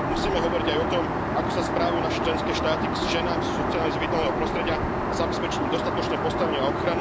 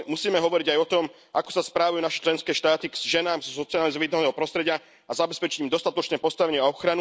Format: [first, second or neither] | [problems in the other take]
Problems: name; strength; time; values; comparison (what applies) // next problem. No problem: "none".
second | background sound (Aircraft); 3 dB above the speech